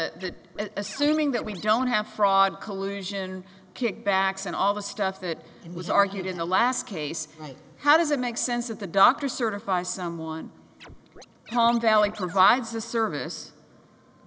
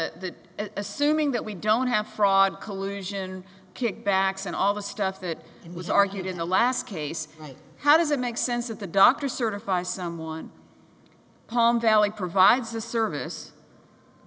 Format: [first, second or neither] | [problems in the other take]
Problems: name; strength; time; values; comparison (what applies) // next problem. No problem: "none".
second | background sound (Scratching (performance technique)); 18 dB below the speech